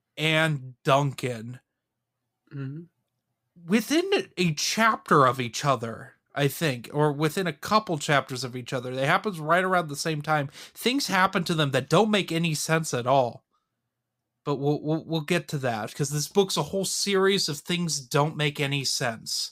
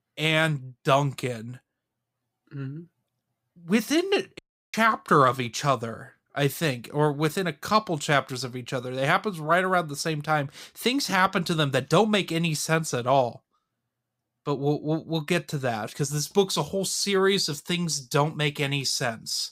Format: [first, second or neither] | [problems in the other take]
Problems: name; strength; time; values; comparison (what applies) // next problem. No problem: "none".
first | audio cutting out; at 4.5 s